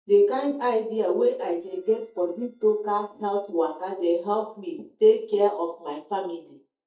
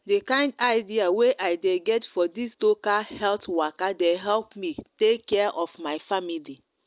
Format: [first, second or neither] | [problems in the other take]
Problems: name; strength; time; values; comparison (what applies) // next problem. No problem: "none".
second | noise reduction (neural mask model DeepFilterNet 3)